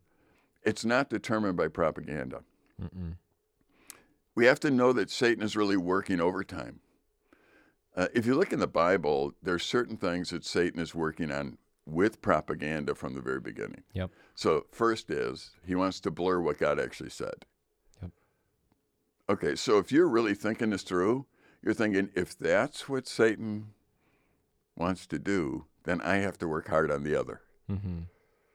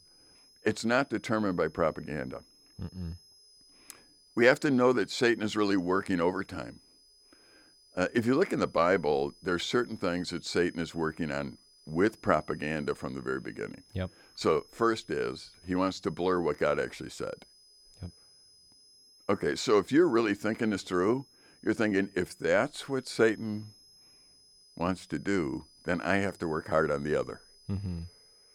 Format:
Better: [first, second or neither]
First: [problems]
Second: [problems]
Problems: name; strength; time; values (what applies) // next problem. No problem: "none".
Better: first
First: none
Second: high-pitched whine; faint; throughout; 5 kHz, 25 dB below the speech